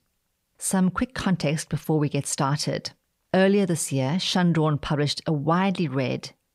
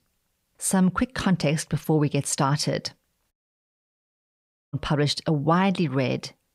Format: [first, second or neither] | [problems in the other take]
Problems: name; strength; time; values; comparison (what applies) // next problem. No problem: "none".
first | audio cutting out; at 3.5 s for 1.5 s